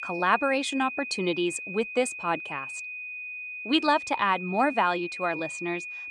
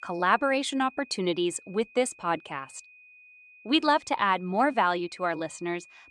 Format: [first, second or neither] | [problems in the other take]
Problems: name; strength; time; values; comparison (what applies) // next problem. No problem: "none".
second | high-pitched whine; loud; throughout; 2.5 kHz, 8 dB below the speech; faint in the second